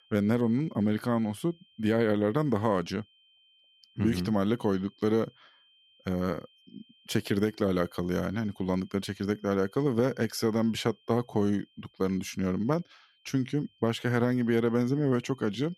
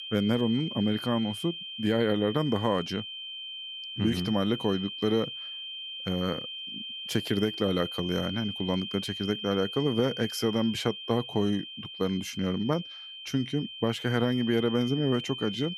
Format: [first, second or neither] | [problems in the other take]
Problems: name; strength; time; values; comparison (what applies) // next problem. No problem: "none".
first | high-pitched whine; loud; throughout; 3 kHz, 8 dB below the speech; faint in the first